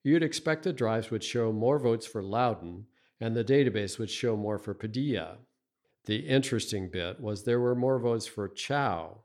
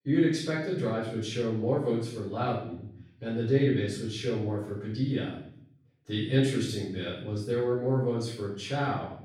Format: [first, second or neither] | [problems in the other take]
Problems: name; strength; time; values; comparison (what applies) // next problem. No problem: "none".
first | off-mic speech; far // room echo; noticeable; dies away in 0.6 s